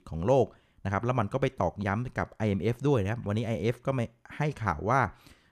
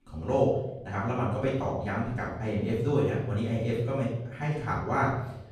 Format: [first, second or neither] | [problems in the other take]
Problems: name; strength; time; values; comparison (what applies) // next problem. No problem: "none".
first | off-mic speech; far // room echo; noticeable; dies away in 0.8 s